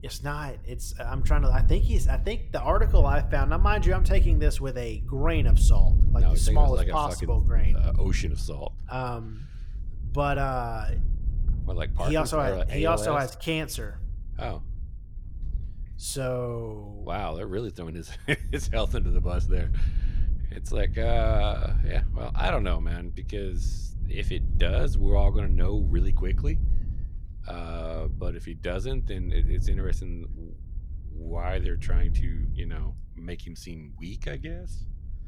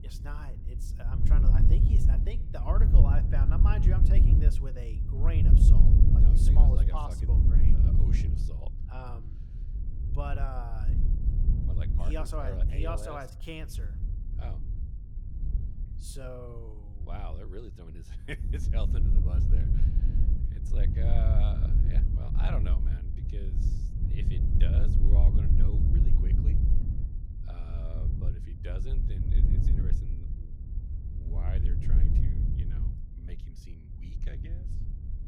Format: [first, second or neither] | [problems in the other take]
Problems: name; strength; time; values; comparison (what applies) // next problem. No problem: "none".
first | wind noise on the microphone; heavy; 1 dB below the speech; occasional gusts in the first